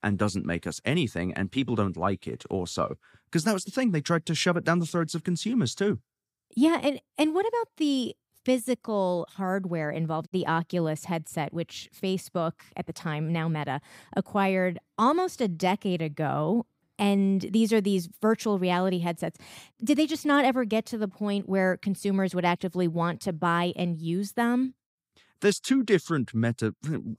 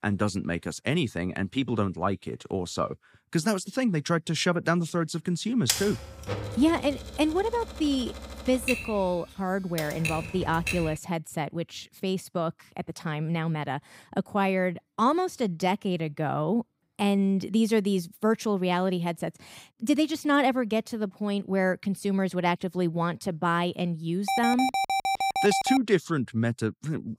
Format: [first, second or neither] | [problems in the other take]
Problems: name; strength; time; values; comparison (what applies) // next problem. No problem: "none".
first | keyboard typing; loud; from 5.5 to 11 s; peak 1 dB above the speech // alarm; loud; from 24 to 26 s; peak 2 dB above the speech